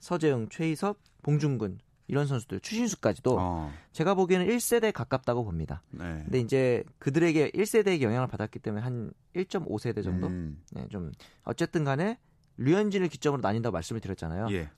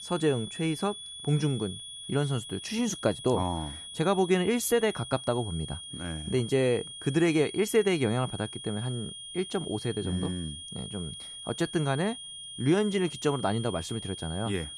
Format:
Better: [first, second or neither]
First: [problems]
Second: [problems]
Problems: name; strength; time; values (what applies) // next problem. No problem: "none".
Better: first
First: none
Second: high-pitched whine; noticeable; throughout; 3.5 kHz, 10 dB below the speech